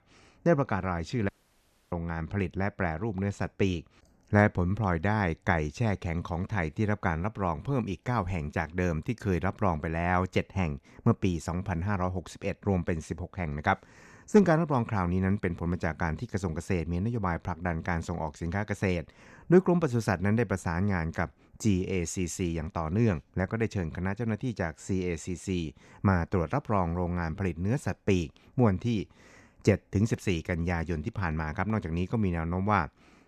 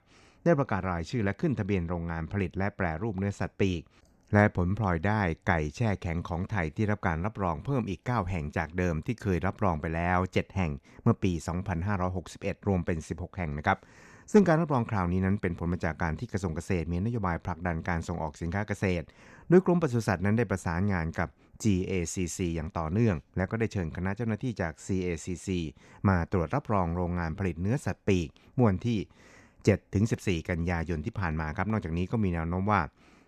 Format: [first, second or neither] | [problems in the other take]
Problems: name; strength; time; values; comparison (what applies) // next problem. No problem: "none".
second | audio cutting out; at 1.5 s for 0.5 s